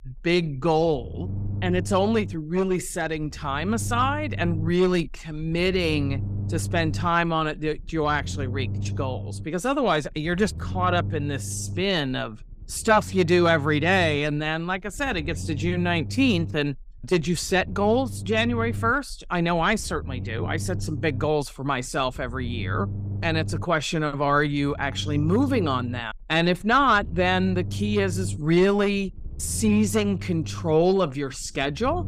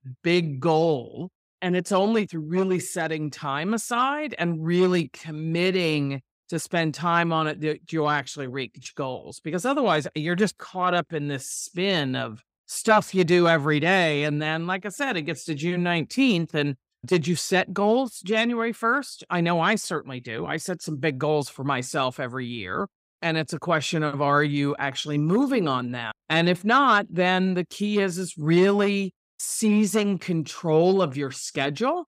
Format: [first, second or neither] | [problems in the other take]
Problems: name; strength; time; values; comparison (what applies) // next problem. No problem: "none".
second | low rumble; faint; throughout; 20 dB below the speech